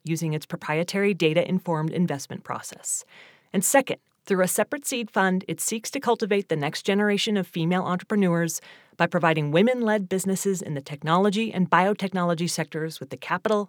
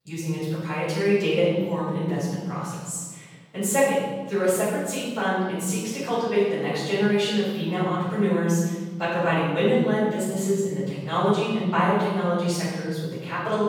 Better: first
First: none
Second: off-mic speech; far // room echo; strong; dies away in 1.5 s

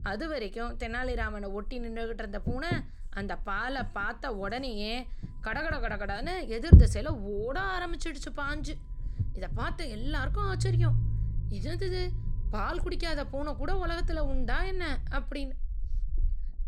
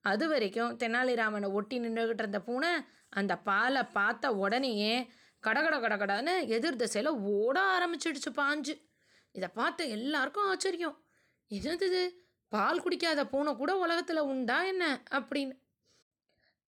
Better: second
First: low rumble; loud; throughout; 9 dB below the speech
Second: none

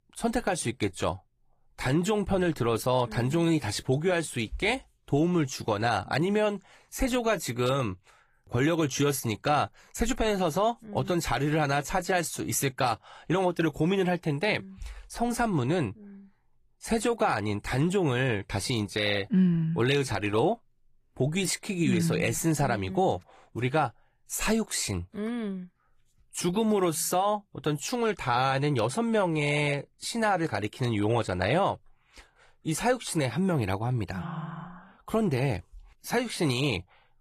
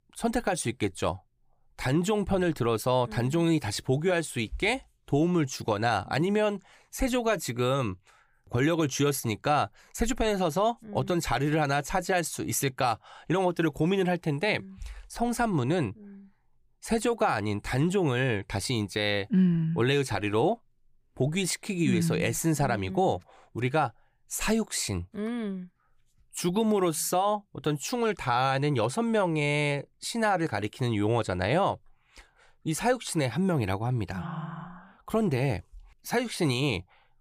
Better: second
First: garbled, watery; slightly; nothing above 13 kHz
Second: none

